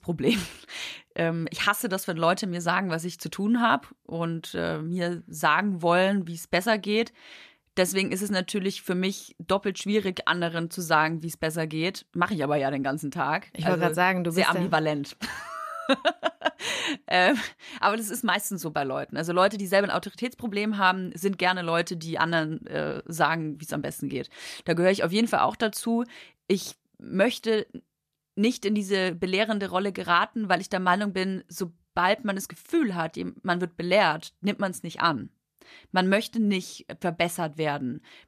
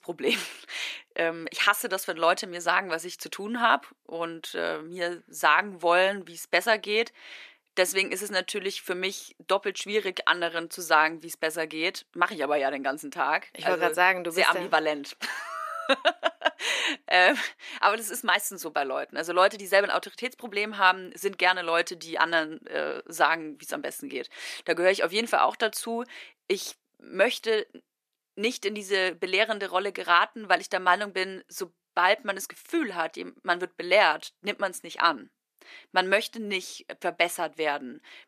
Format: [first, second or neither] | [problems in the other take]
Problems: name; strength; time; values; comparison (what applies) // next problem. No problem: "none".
first | thin; somewhat; fading below 350 Hz